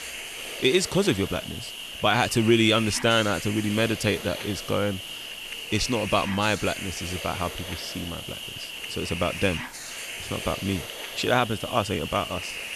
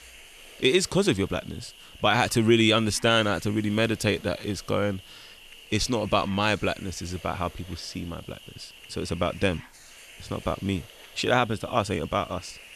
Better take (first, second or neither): second